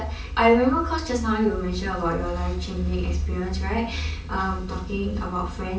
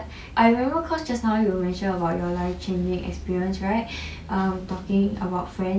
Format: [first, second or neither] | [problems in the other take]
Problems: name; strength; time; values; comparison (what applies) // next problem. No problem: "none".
second | room echo; dies away in 0.4 s